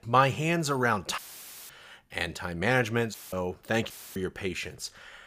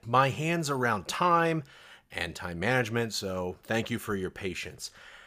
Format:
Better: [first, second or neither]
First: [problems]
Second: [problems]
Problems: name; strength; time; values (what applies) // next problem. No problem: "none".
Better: second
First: audio cutting out; filled with static; at 1 s for 0.5 s, at 3 s and at 4 s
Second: none